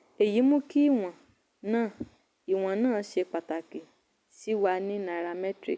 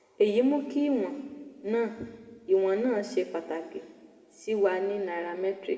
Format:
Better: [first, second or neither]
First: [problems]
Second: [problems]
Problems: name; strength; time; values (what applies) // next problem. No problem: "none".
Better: first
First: none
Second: room echo; dies away in 1.7 s